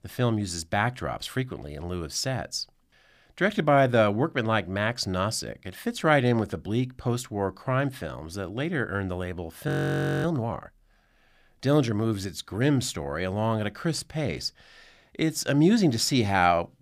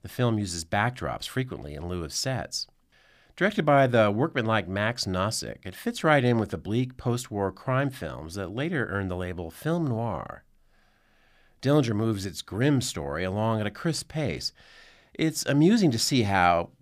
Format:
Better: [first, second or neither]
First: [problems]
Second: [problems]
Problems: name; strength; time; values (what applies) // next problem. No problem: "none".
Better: second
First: audio freezing; at 9.5 s for 0.5 s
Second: none